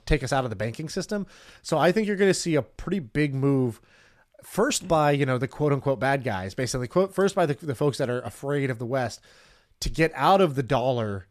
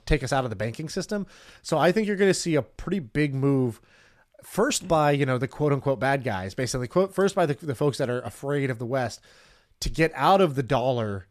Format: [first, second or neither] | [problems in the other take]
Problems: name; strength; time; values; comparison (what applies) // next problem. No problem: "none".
neither | none